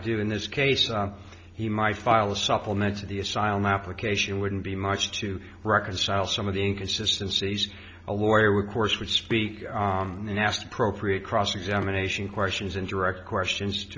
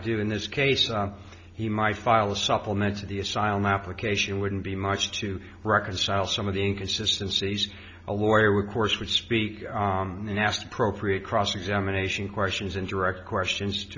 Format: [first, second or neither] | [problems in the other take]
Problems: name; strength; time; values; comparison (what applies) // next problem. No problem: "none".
second | background sound (Water / Splash, splatter); 19 dB below the speech